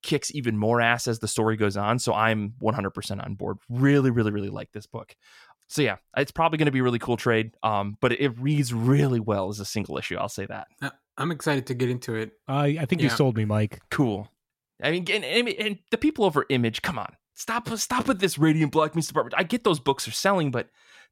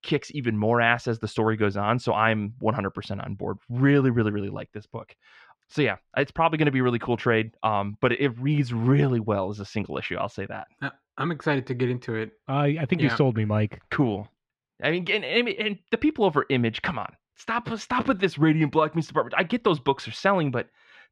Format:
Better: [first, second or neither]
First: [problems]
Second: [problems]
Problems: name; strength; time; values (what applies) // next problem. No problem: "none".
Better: first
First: none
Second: muffled; slightly; fading above 2.5 kHz